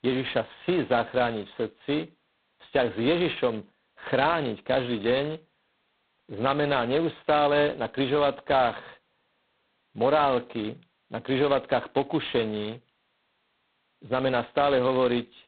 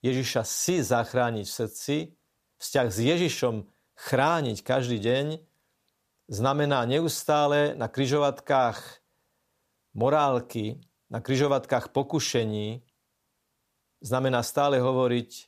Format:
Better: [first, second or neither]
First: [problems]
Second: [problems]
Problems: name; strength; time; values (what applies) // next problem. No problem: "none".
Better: second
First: phone-call audio; poor line; nothing above 4 kHz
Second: none